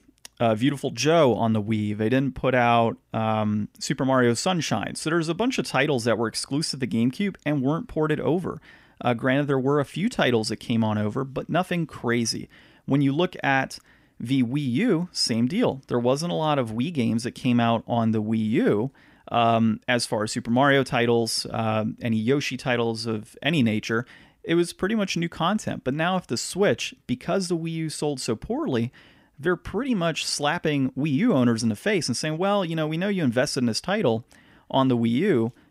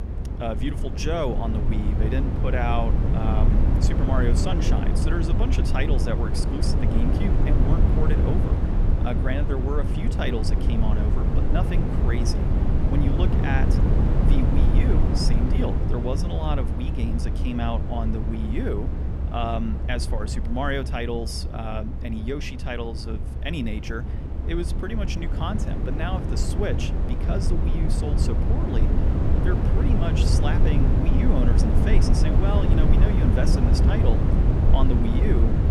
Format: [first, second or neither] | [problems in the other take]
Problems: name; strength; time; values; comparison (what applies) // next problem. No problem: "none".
first | low rumble; loud; throughout; 2 dB below the speech